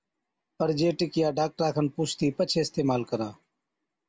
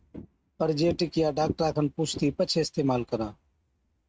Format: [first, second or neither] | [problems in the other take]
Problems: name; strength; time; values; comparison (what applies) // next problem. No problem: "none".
first | noise reduction (neural mask model RNNoise)